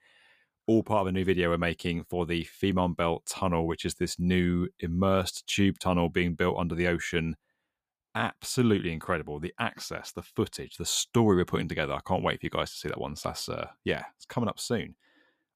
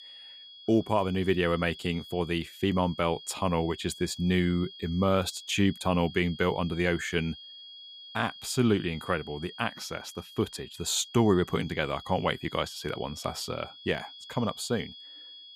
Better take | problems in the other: first | high-pitched whine; noticeable; throughout; 3.5 kHz, 15 dB below the speech

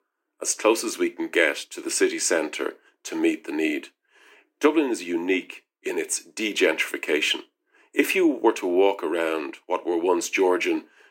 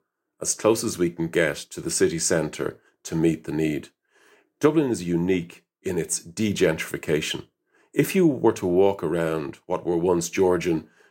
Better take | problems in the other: second | thin; very slightly; fading below 250 Hz

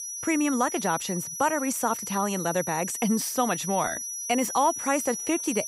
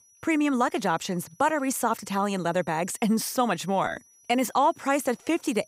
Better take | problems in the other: second | high-pitched whine; loud; throughout; 6 kHz, 5 dB below the speech; faint in the second

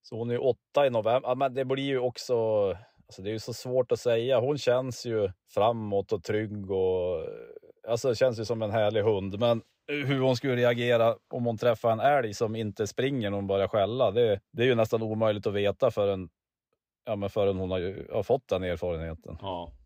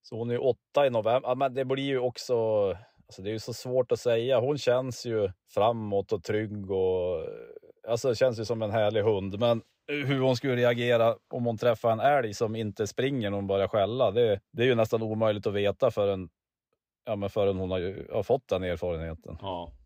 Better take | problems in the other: neither | none

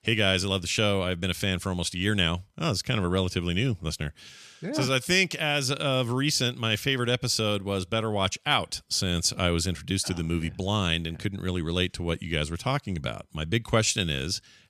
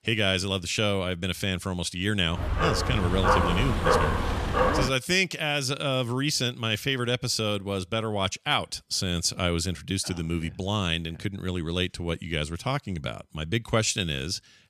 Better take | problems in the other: first | dog barking; loud; from 2.5 to 5 s; peak 4 dB above the speech

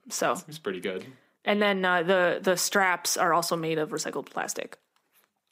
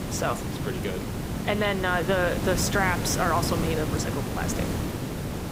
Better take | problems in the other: first | hiss; loud; throughout; 2 dB below the speech

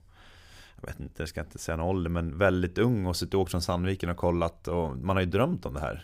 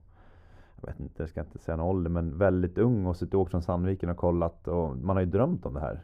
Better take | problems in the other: first | muffled; very; fading above 2 kHz

